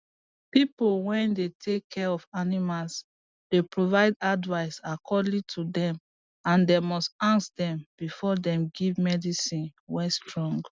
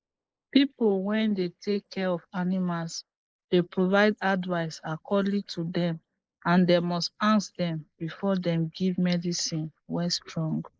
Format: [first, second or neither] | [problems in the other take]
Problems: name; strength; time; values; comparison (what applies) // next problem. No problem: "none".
first | noise reduction (neural mask model Resemble Enhance denoiser)